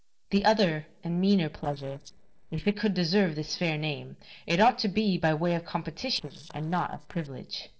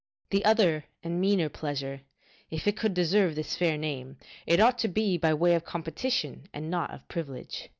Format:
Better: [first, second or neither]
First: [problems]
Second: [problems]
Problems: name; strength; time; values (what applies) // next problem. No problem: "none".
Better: second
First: noise reduction (neural separator model SepFormer DNS4)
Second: none